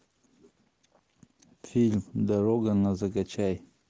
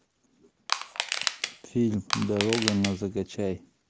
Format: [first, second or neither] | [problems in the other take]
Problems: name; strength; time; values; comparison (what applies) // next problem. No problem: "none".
first | background sound (Crushing); 2 dB below the speech